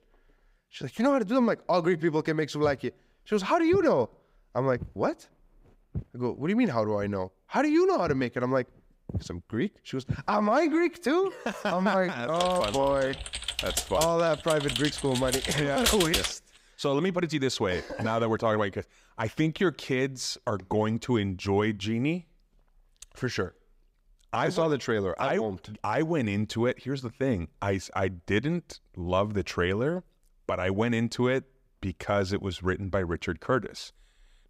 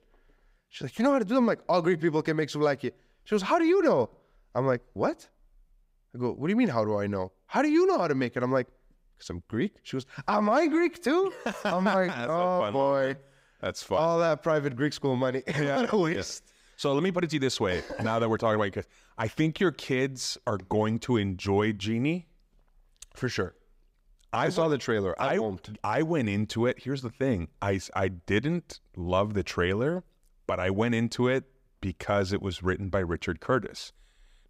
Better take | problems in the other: second | footsteps; noticeable; from 2.5 to 10 s; peak 9 dB below the speech // keyboard typing; loud; from 12 to 16 s; peak 3 dB above the speech

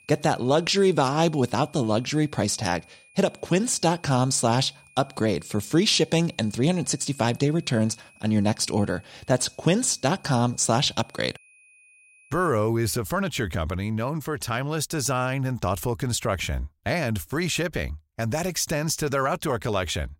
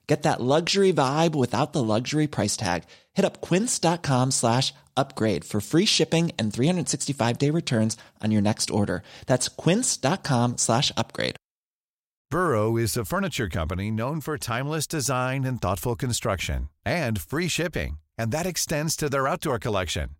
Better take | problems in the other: second | high-pitched whine; faint; until 12 s; 2.5 kHz, 30 dB below the speech

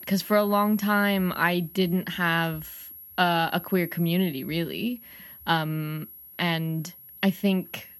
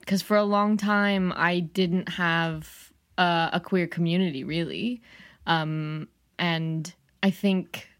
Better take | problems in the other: second | high-pitched whine; noticeable; throughout; 11.5 kHz, 15 dB below the speech

